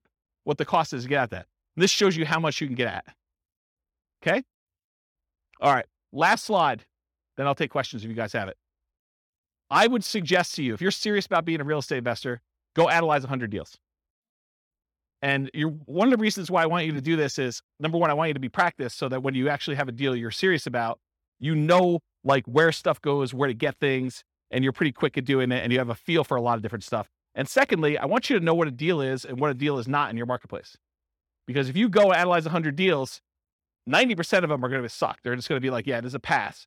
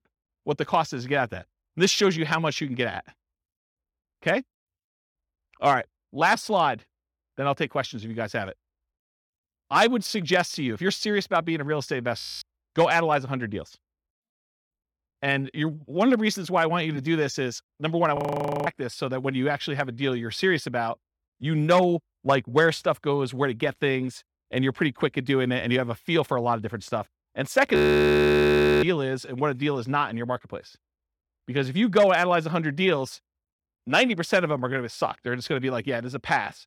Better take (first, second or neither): first